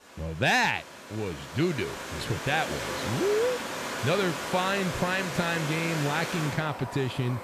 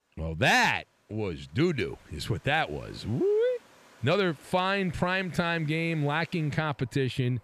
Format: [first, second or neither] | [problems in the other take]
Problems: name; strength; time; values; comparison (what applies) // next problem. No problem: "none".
second | rain or running water; loud; throughout; 5 dB below the speech; faint in the second